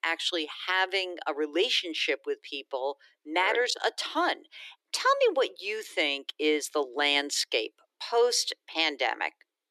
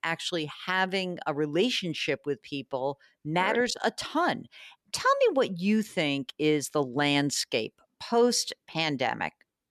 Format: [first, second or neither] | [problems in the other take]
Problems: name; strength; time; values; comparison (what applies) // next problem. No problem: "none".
second | thin; somewhat; fading below 300 Hz